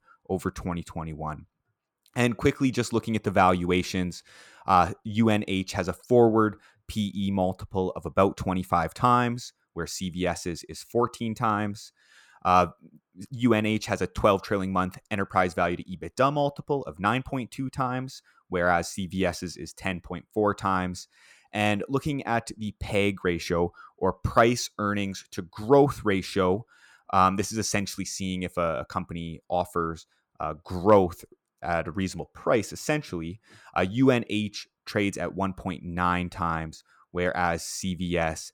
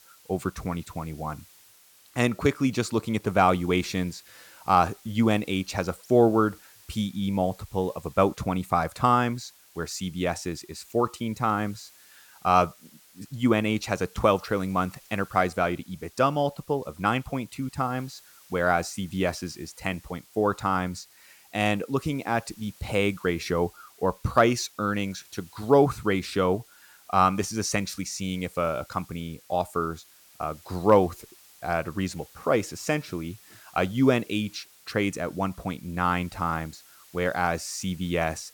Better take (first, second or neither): first